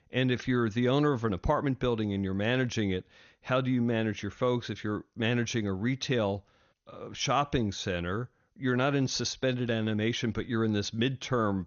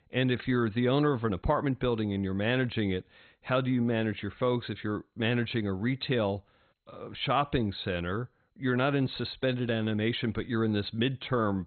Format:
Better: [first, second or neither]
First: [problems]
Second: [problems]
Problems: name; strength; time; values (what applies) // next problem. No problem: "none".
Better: first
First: garbled, watery; slightly; nothing above 6.5 kHz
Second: garbled, watery; badly; nothing above 4 kHz